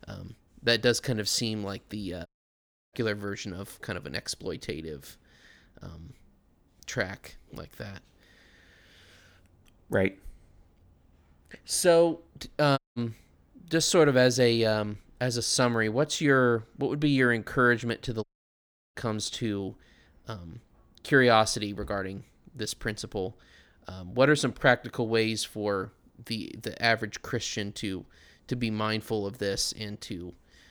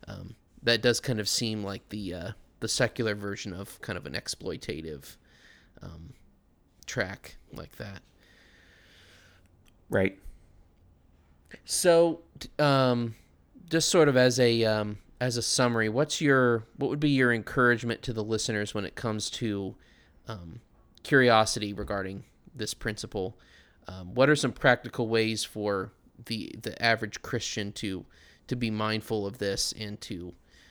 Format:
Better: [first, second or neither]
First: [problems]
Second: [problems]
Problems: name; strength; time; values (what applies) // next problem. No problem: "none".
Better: second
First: audio cutting out; at 2.5 s for 0.5 s, at 13 s and at 18 s for 0.5 s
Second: none